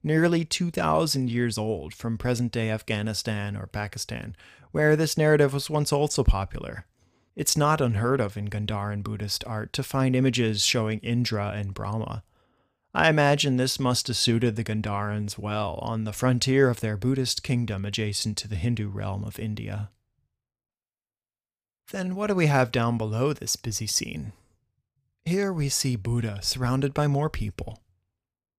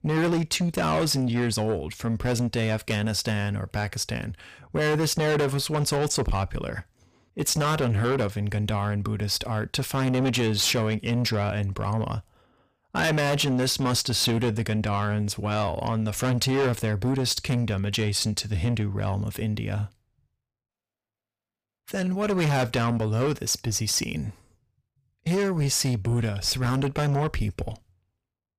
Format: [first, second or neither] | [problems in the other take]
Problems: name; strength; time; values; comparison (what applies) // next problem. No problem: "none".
first | distortion; heavy; 7 dB below the speech